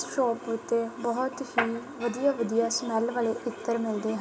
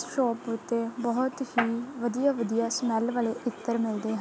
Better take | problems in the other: second | background sound (Gong); 19 dB below the speech // room echo; dies away in 1.2 s

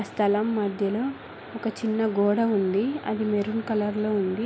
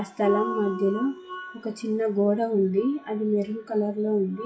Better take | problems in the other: first | noise reduction (classical method WPE with log-MMSE)

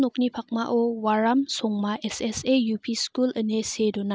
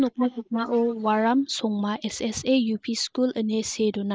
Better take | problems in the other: first | noise reduction (neural mask model Resemble Enhance denoiser)

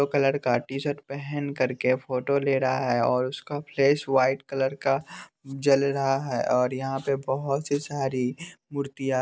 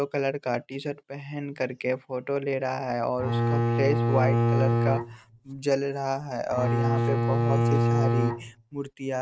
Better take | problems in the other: first | noise reduction (neural mask model RNNoise)

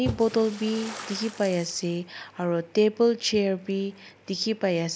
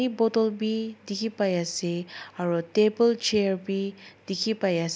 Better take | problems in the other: second | background sound (Splash, splatter); 15 dB below the speech

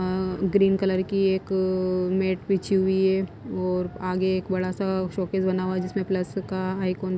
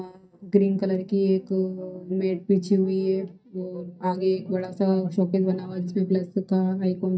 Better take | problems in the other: first | noise reduction (neural mask model DeepFilterNet 3)

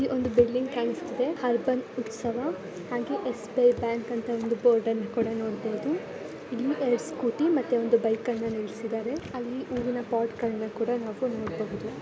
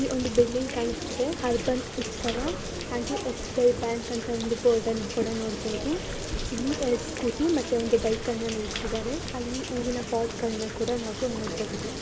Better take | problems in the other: first | background sound (Rain); 8 dB below the speech

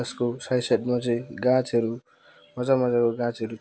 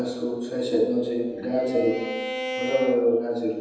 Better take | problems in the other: first | background sound (Bowed string instrument); 8 dB below the speech // room echo; dies away in 1.1 s

